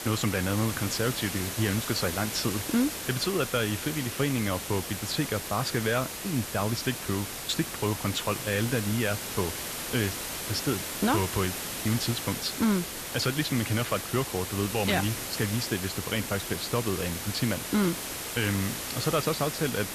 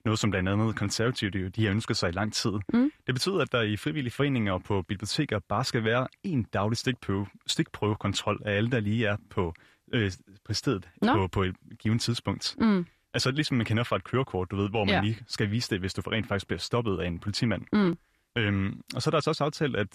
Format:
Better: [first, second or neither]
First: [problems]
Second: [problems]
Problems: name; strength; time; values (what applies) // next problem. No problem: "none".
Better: second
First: hiss; loud; throughout; 4 dB below the speech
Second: none